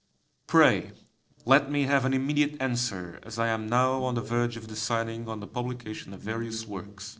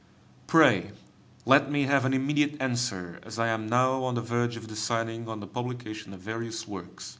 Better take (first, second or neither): second